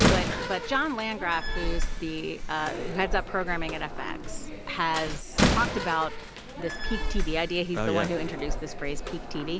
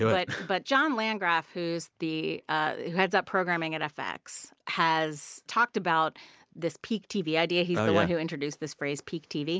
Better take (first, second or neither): second